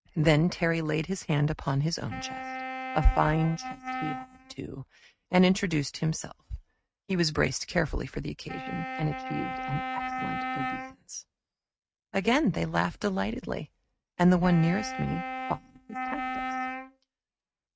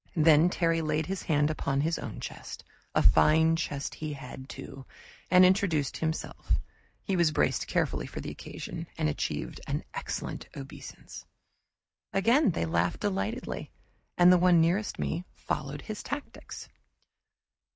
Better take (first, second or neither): second